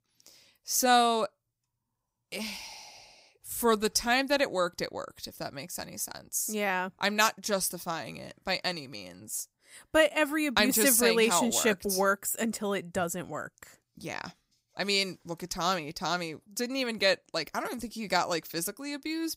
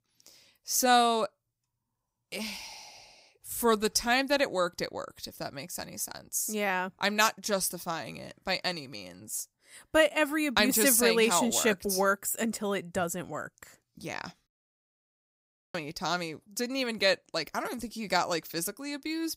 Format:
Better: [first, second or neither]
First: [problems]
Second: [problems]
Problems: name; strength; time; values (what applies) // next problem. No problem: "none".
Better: first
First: none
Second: audio cutting out; at 14 s for 1.5 s